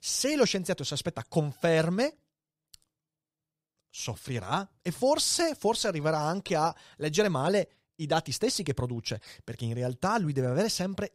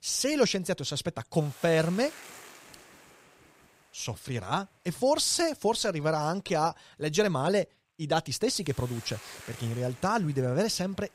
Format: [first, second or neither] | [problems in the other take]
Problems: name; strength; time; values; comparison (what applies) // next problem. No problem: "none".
first | hiss; noticeable; throughout; 20 dB below the speech